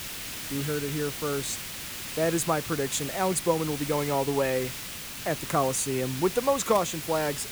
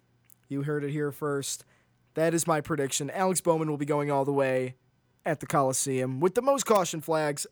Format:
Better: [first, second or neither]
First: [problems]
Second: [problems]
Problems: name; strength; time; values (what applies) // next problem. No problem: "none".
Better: second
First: hiss; loud; throughout; 6 dB below the speech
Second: none